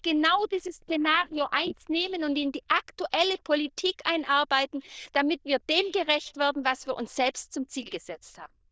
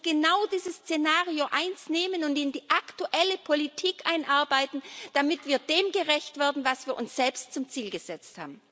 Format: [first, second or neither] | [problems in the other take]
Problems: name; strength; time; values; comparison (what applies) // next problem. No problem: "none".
second | noise reduction (neural diffusion model UNIVERSE++)